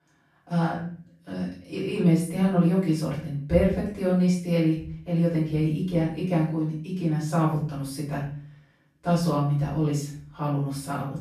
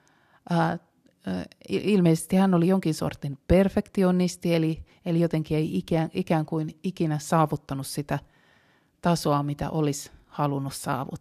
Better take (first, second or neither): second